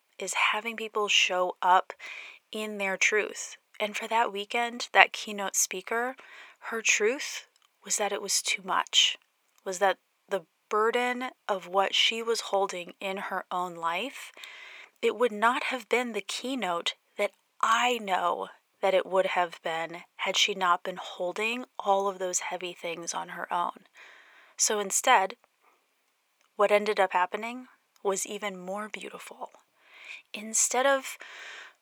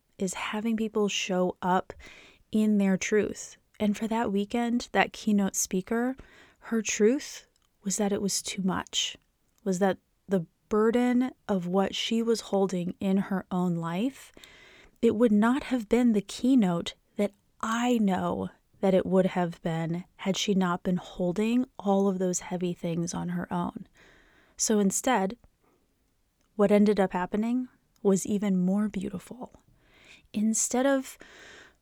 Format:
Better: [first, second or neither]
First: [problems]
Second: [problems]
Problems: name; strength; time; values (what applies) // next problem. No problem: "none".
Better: second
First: thin; very; fading below 650 Hz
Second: none